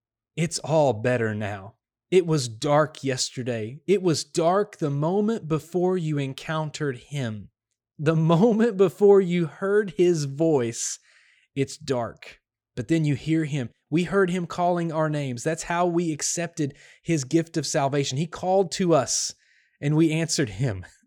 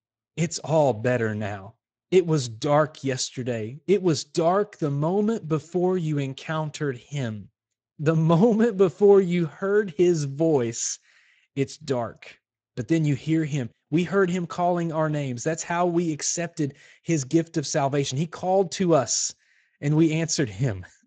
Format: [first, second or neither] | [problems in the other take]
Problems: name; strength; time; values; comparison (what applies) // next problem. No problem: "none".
first | garbled, watery; slightly; nothing above 7.5 kHz